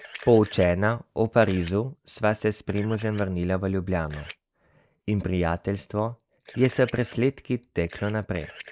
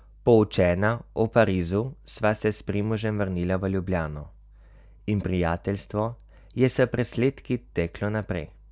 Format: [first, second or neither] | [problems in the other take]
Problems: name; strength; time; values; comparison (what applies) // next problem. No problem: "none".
second | noise reduction (neural mask model Resemble Enhance denoiser)